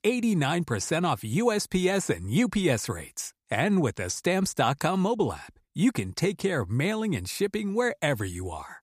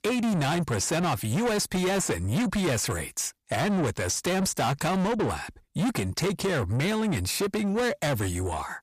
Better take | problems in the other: first | distortion; heavy; 6 dB below the speech

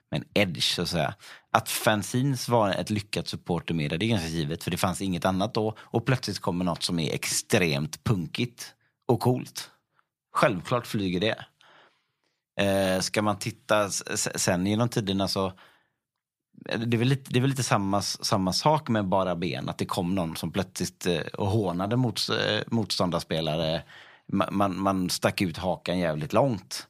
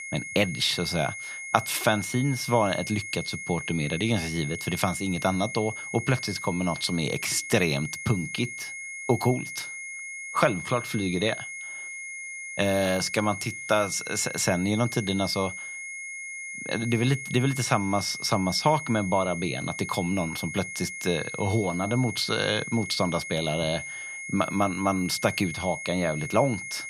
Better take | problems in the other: first | high-pitched whine; loud; throughout; 2 kHz, 8 dB below the speech

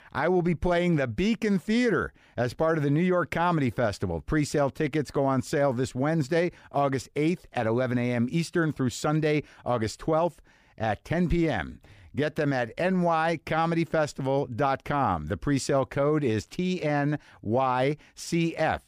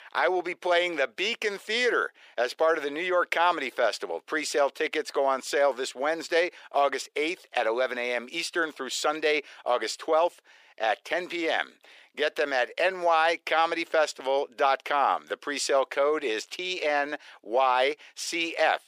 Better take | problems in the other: first | thin; very; fading below 400 Hz

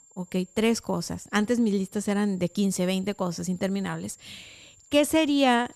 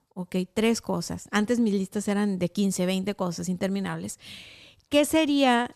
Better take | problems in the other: second | high-pitched whine; faint; throughout; 7.5 kHz, 30 dB below the speech

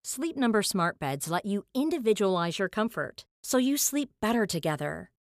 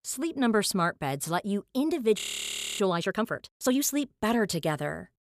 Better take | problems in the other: first | audio freezing; at 2 s for 0.5 s

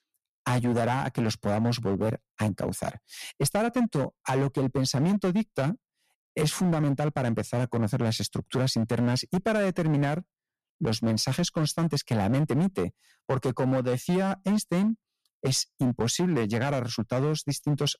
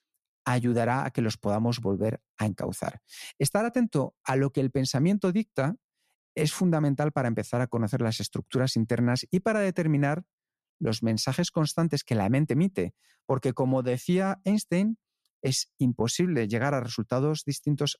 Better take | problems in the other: second | distortion; slight; 11% of the sound clipped

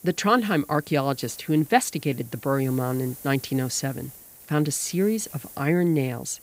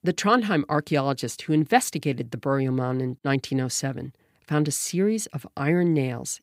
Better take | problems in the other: second | hiss; noticeable; throughout; 20 dB below the speech

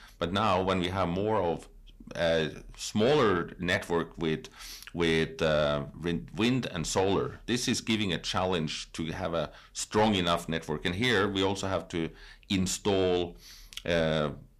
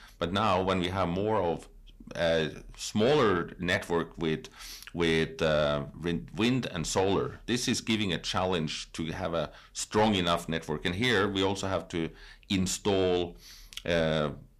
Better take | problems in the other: neither | distortion; slight; 10 dB below the speech; the same in both

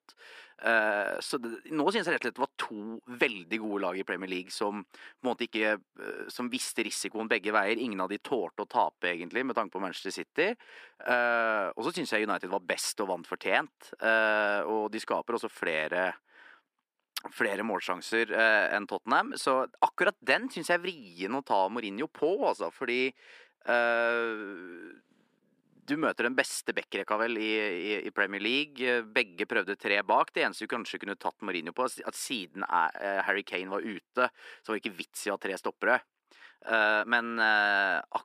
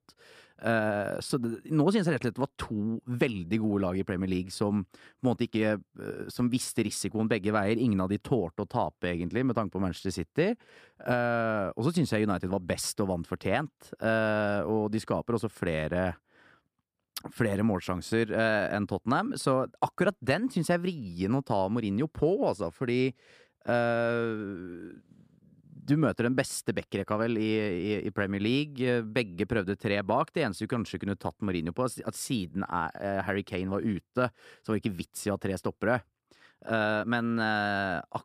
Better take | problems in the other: second | thin; somewhat; fading below 300 Hz

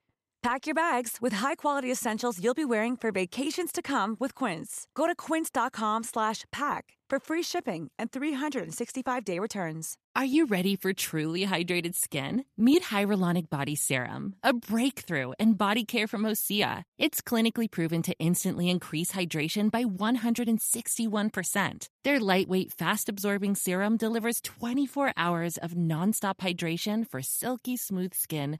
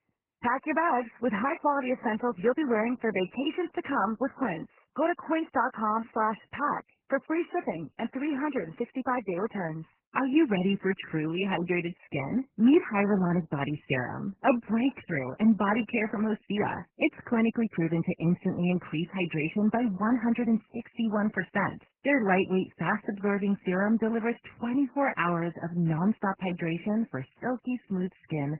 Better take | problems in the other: first | garbled, watery; badly; nothing above 3 kHz

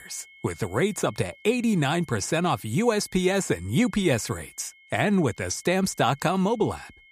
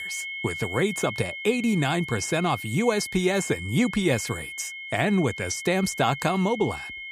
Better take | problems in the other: first | high-pitched whine; loud; throughout; 2 kHz, 9 dB below the speech; faint in the first

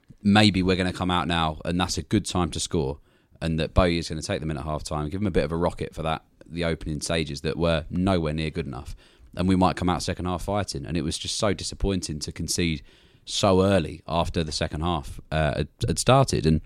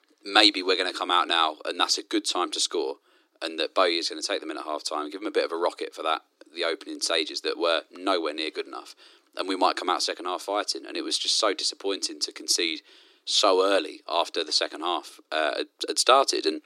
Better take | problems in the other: first | thin; very; fading below 300 Hz

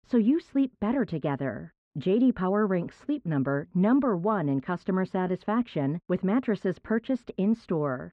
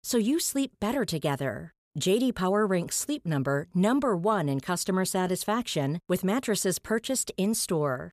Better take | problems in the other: second | muffled; very; fading above 2 kHz

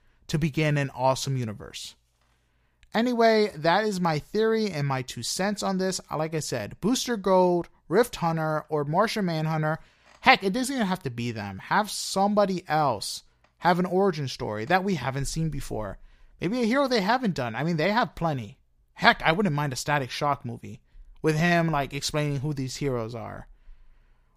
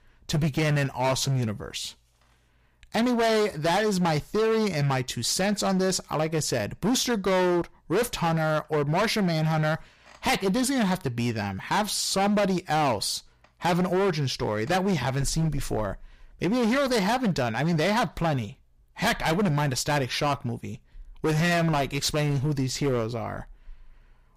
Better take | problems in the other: first | distortion; heavy; 16% of the sound clipped

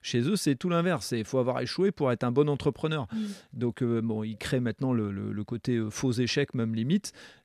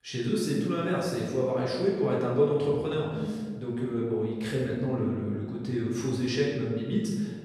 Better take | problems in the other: first | room echo; noticeable; dies away in 1.3 s // off-mic speech; far

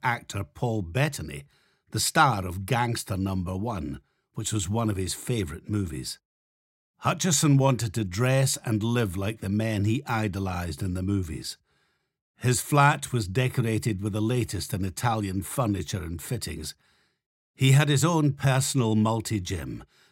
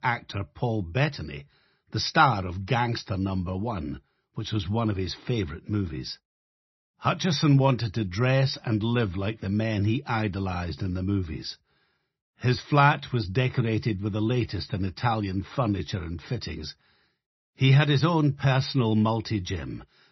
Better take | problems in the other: first | garbled, watery; slightly; nothing above 6 kHz

